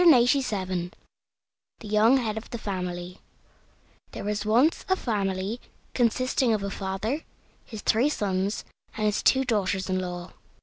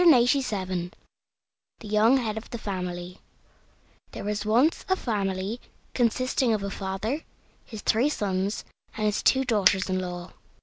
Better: first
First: none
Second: background sound (Coin (dropping)); 3 dB below the speech

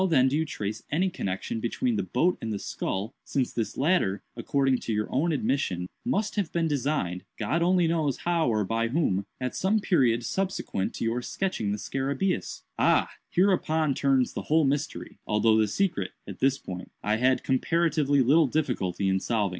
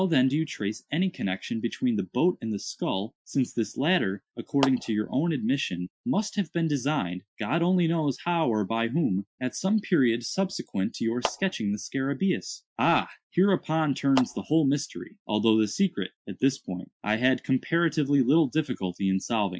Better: first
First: none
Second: noise reduction (classical method Wiener filter)

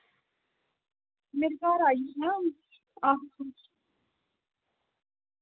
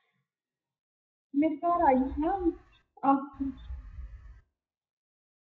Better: first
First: none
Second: noise reduction (classical method WPE with log-MMSE)

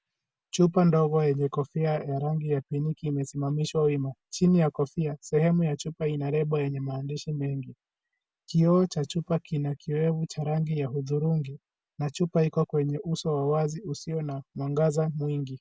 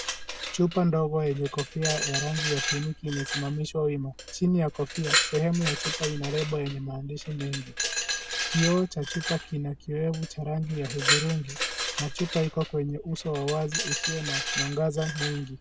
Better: first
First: none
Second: background sound (Glass); 4 dB below the speech

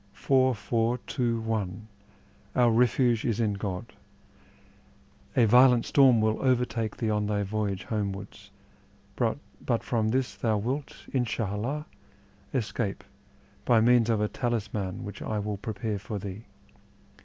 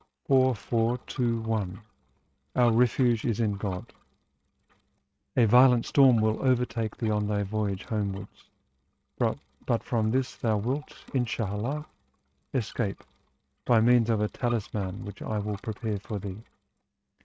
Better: first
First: none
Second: noise reduction (neural mask model RNNoise)

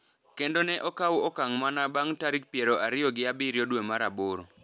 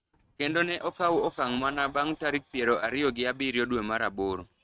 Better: first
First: none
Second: noise reduction (neural mask model RNNoise)

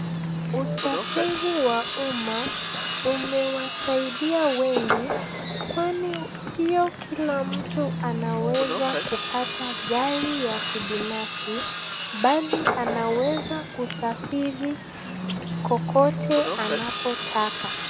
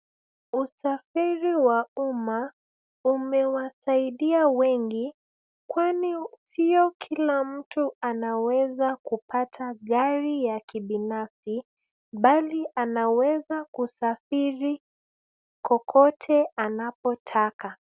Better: second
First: background sound (Tools); 3 dB below the speech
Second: none

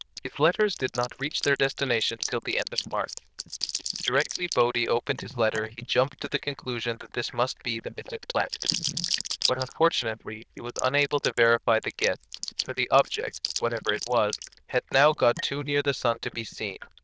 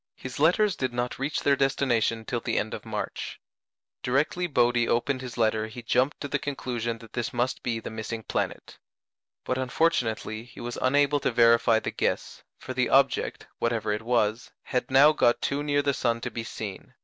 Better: second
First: noise reduction (neural diffusion model UNIVERSE++)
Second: none

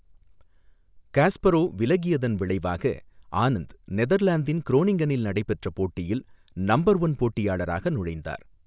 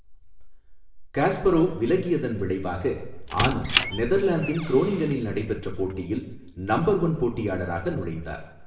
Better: first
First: none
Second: background sound (Squeak); 6 dB below the speech // room echo; dies away in 0.8 s

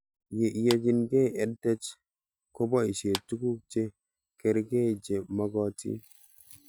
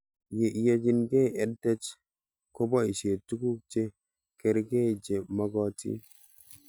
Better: second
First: background sound (Clapping); 15 dB below the speech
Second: none

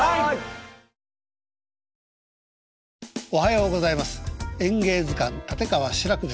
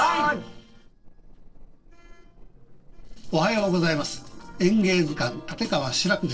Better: first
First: none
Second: noise reduction (neural separator model SepFormer DNS4)

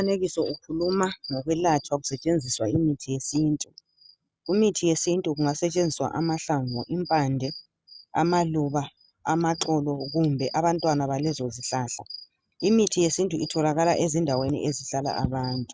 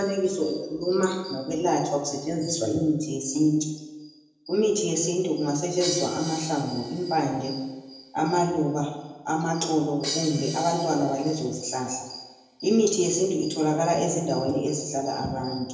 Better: first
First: none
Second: background sound (Crash cymbal); 13 dB below the speech // room echo; dies away in 0.9 s

